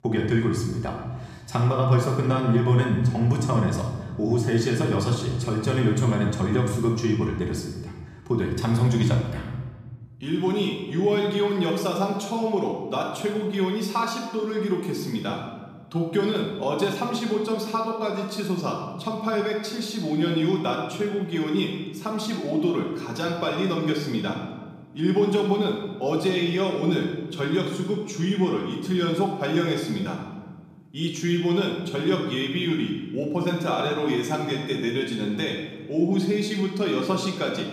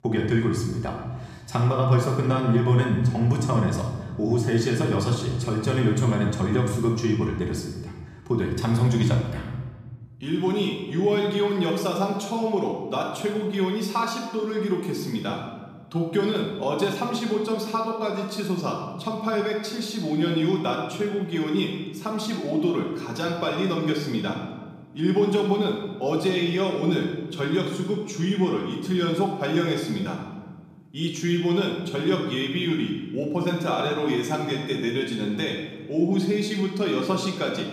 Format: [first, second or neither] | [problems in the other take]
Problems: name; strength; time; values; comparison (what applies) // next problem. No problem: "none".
neither | room echo; noticeable; dies away in 1.2 s; the same in both // off-mic speech; far; the same in both